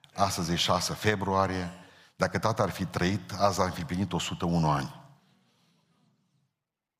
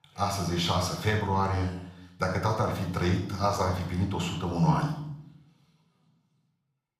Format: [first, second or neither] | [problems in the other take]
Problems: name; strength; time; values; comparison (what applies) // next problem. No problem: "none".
first | off-mic speech; somewhat distant // room echo; noticeable; dies away in 0.6 s